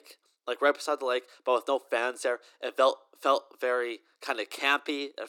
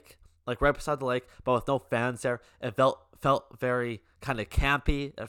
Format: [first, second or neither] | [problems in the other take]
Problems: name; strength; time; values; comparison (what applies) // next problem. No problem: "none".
second | thin; somewhat; fading below 300 Hz